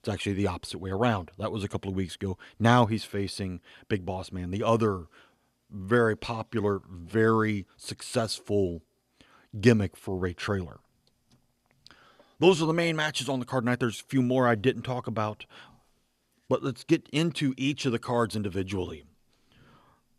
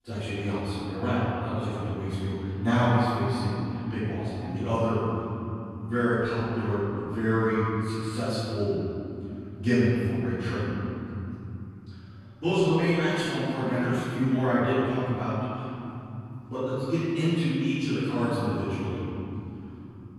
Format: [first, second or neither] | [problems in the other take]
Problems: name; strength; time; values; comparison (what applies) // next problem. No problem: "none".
first | room echo; strong; dies away in 3 s // off-mic speech; far